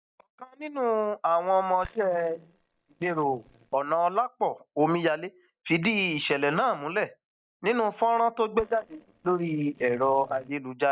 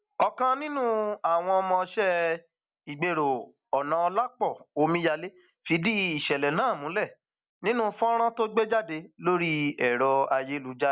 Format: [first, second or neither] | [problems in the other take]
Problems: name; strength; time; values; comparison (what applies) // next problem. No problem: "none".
second | noise reduction (neural mask model DeepFilterNet 3)